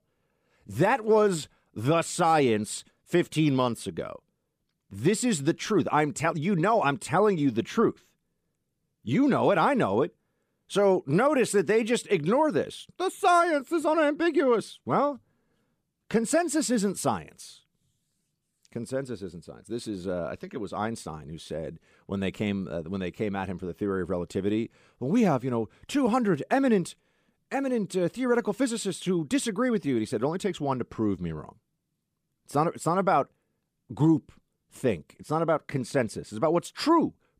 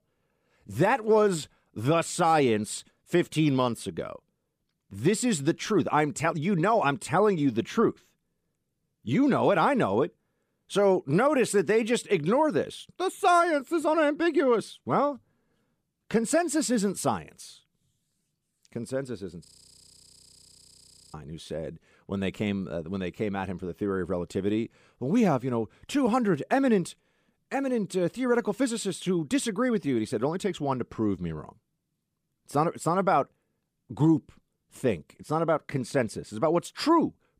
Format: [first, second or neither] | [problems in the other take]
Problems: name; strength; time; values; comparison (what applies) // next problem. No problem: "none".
first | audio freezing; at 19 s for 1.5 s